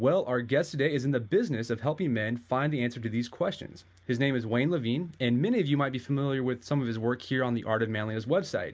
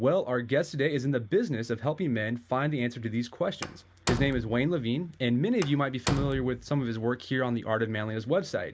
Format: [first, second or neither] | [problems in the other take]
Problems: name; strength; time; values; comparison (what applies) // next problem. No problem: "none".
first | background sound (Slam); 8 dB below the speech